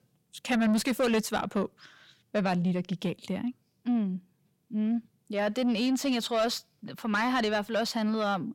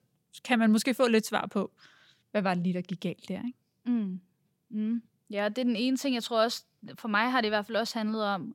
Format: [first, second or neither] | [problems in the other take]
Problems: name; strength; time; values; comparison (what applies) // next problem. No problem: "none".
second | distortion; slight; 10 dB below the speech